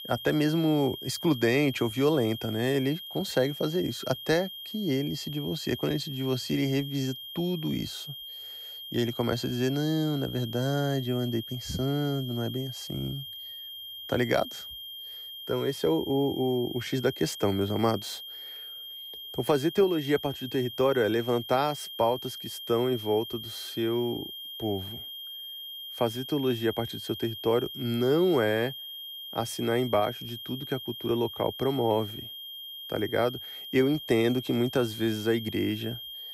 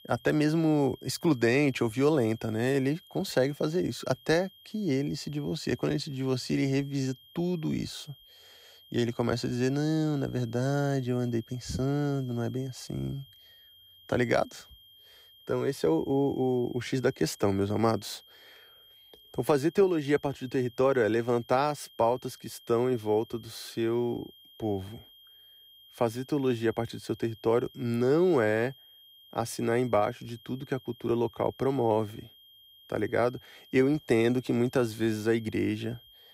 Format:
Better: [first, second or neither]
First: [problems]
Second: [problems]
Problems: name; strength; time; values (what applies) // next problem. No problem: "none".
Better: second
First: high-pitched whine; loud; throughout; 3 kHz, 10 dB below the speech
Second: high-pitched whine; faint; throughout; 3 kHz, 25 dB below the speech